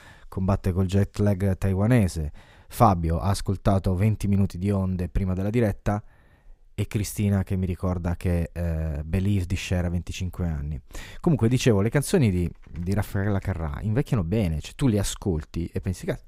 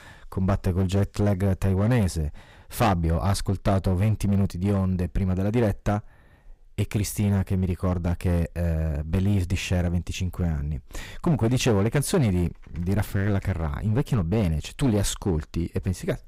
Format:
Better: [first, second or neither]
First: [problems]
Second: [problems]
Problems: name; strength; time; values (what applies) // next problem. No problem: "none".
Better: first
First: none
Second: distortion; slight; 8% of the sound clipped